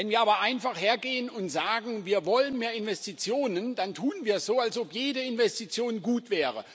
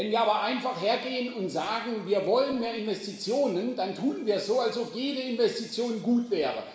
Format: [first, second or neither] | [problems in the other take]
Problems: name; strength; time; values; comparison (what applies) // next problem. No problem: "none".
first | room echo; dies away in 0.9 s